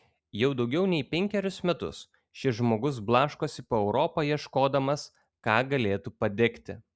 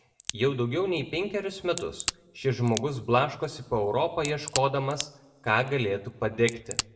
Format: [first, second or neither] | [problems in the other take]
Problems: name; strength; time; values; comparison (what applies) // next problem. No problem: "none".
first | background sound (Crack); 12 dB below the speech // room echo; dies away in 0.7 s